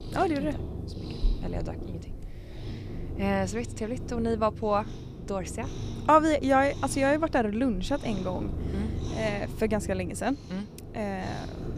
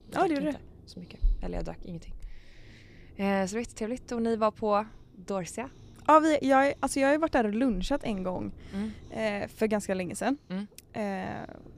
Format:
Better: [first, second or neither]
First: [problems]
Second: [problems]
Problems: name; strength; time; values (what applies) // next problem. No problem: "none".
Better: second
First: animal sounds; loud; throughout; 9 dB below the speech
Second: animal sounds; faint; throughout; 25 dB below the speech